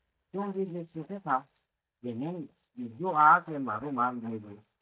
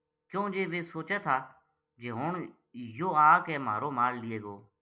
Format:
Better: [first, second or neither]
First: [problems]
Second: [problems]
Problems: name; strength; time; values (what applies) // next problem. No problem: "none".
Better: second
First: noise reduction (neural mask model DeepFilterNet 3)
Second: none